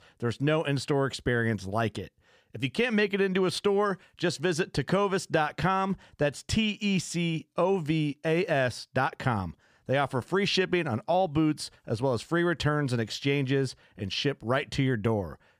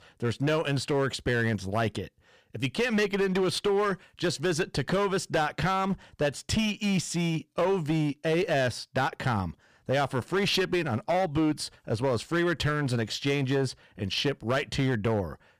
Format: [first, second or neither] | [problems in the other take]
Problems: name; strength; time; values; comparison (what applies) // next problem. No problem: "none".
first | distortion; slight; 10% of the sound clipped